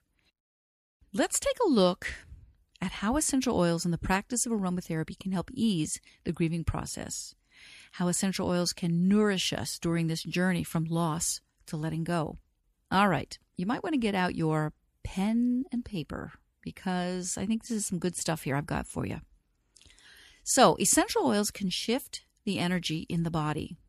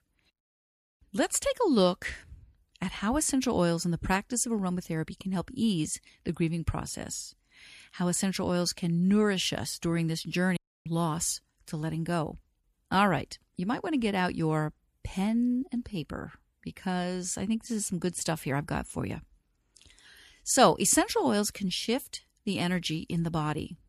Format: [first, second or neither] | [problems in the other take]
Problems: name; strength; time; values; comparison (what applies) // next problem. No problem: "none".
first | audio cutting out; at 11 s